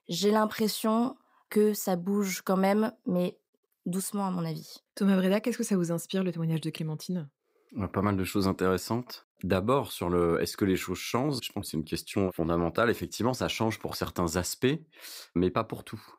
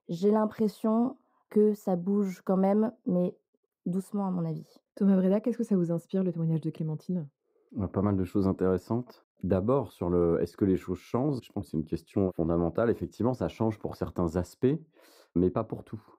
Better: first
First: none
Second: muffled; very; fading above 1.5 kHz

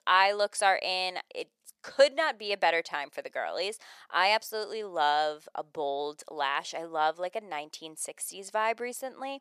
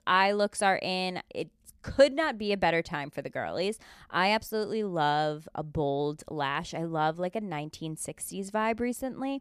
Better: second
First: thin; very; fading below 600 Hz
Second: none

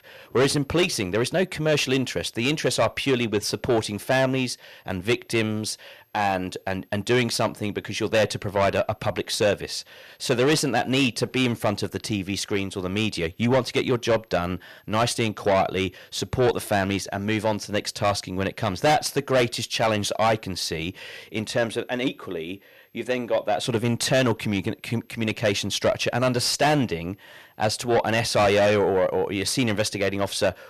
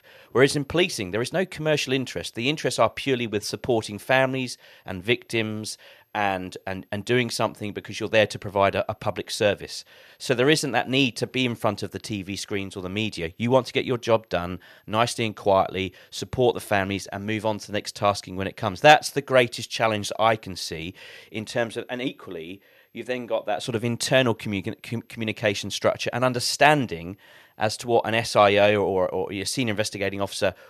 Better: second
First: distortion; heavy; 7 dB below the speech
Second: none

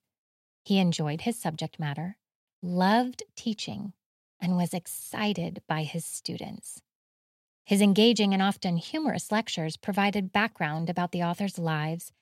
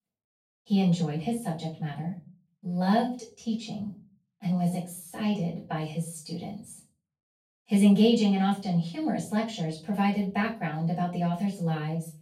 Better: first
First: none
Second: off-mic speech; far // room echo; slight; dies away in 0.4 s

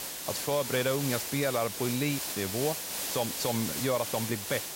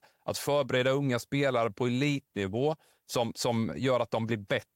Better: second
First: hiss; loud; throughout; 2 dB below the speech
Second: none

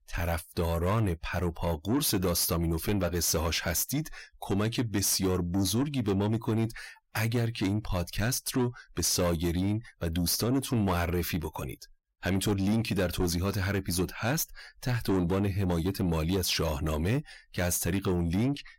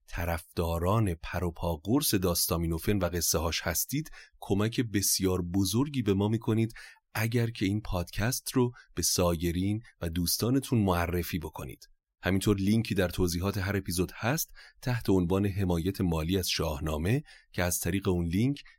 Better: second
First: distortion; slight; 10 dB below the speech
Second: none

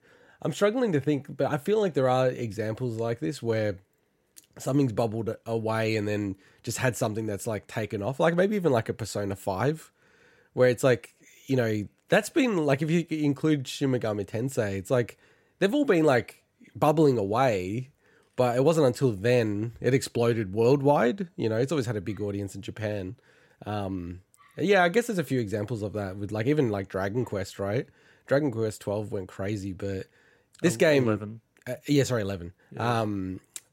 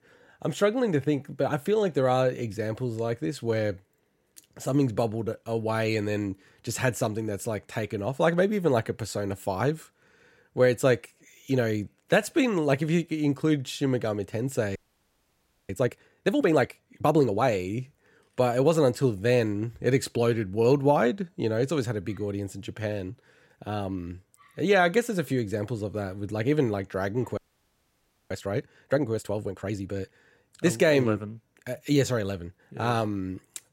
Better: first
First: none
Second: audio freezing; at 15 s for 1 s and at 27 s for 1 s

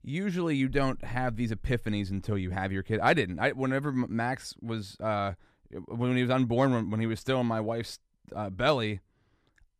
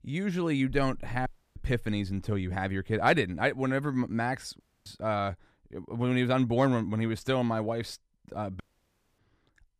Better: first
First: none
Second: audio cutting out; at 1.5 s, at 4.5 s and at 8.5 s for 0.5 s

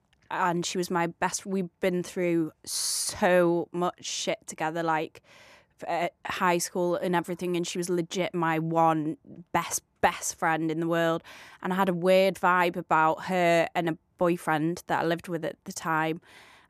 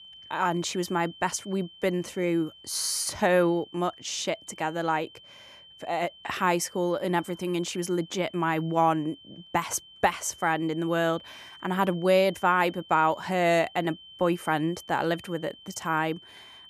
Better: first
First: none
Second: high-pitched whine; faint; throughout; 3 kHz, 20 dB below the speech

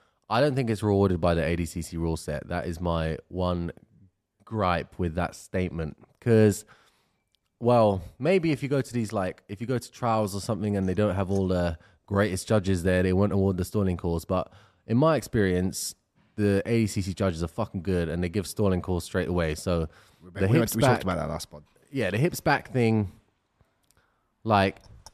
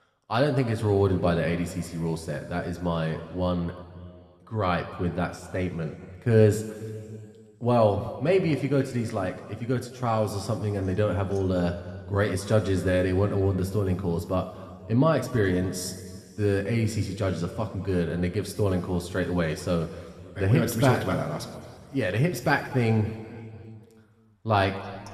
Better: first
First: none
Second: room echo; slight; dies away in 2 s

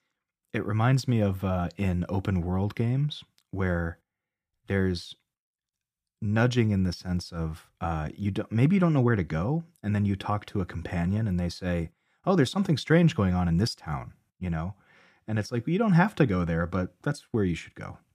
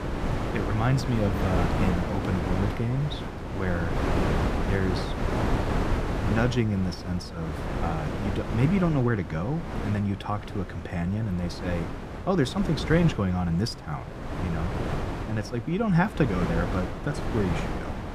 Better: first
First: none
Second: wind noise on the microphone; heavy; 2 dB below the speech

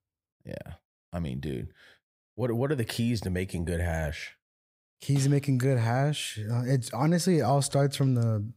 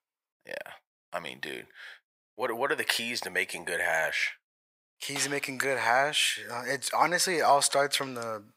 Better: first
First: none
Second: thin; very; fading below 700 Hz

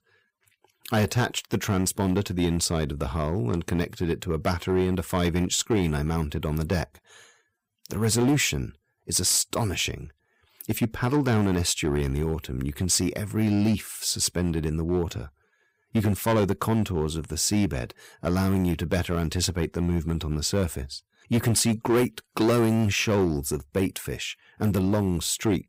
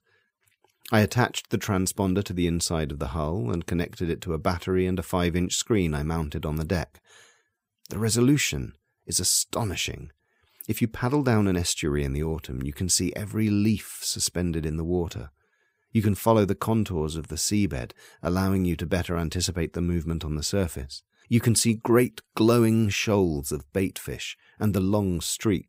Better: second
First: distortion; slight; 6% of the sound clipped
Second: none

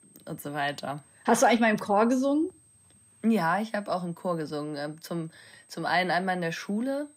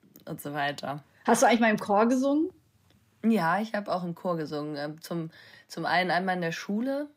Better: second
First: high-pitched whine; faint; throughout; 8.5 kHz, 30 dB below the speech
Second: none

